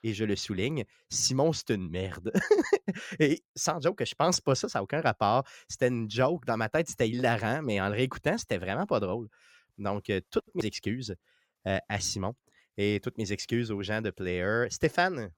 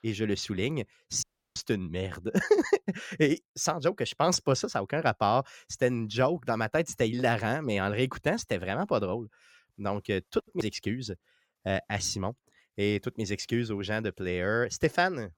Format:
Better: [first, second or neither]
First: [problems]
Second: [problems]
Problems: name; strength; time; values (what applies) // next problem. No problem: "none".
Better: first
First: none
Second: audio cutting out; at 1 s